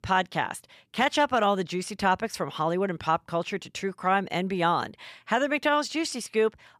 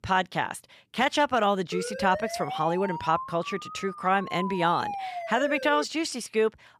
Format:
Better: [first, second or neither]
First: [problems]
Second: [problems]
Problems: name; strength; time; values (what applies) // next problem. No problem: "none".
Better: first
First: none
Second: siren; noticeable; from 1.5 to 6 s; peak 7 dB below the speech